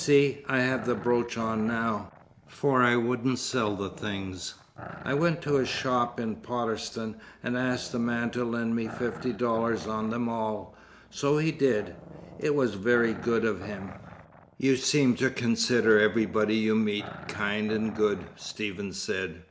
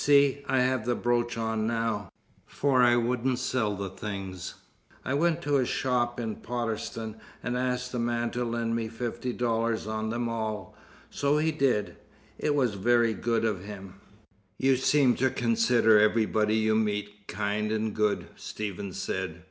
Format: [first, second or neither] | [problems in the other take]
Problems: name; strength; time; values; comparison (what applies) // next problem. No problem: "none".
second | background sound (Growling); 18 dB below the speech